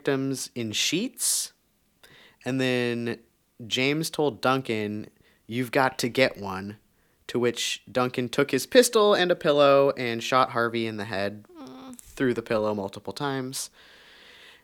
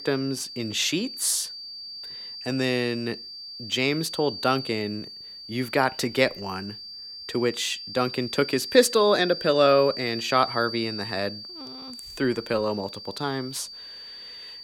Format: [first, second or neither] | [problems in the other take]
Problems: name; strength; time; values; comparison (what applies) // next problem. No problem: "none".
first | high-pitched whine; noticeable; throughout; 4.5 kHz, 10 dB below the speech